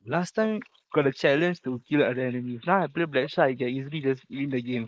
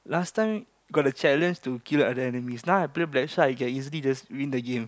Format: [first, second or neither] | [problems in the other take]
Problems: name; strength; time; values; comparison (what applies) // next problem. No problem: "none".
second | noise reduction (neural mask model Resemble Enhance denoiser)